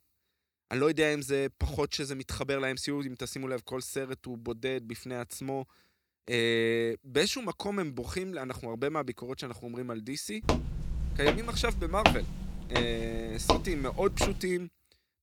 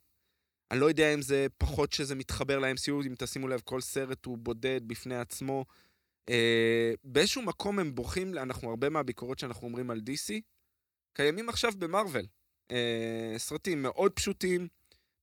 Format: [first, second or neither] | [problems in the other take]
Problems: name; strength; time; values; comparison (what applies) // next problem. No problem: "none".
second | footsteps; loud; from 10 to 14 s; peak 6 dB above the speech